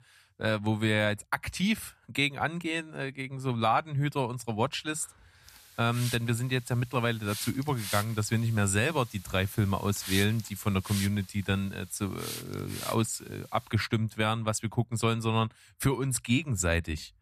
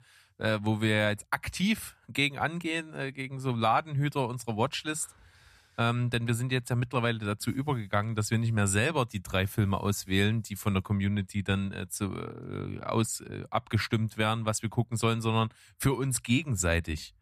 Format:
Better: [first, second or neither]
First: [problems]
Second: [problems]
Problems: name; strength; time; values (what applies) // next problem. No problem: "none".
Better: second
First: hiss; noticeable; from 5.5 to 14 s; 10 dB below the speech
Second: none